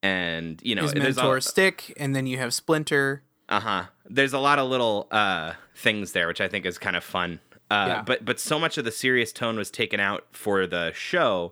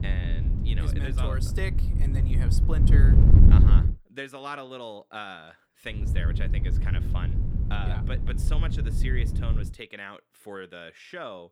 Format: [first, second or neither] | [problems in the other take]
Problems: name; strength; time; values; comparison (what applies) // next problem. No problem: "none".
first | wind noise on the microphone; heavy; until 4 s and from 6 to 9.5 s; 1 dB below the speech